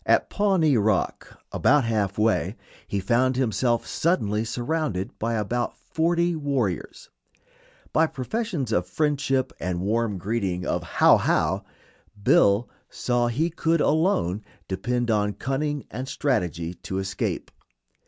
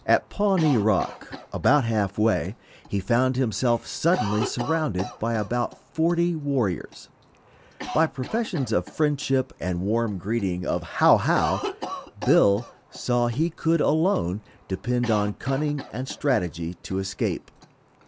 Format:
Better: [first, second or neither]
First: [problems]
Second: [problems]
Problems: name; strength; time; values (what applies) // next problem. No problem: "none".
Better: first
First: none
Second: background sound (Cough); 14 dB below the speech